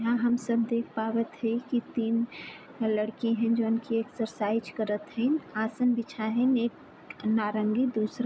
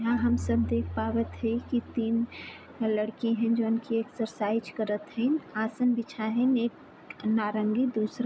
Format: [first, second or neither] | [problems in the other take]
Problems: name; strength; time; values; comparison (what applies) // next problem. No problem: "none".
first | background sound (Marimba, xylophone); 11 dB below the speech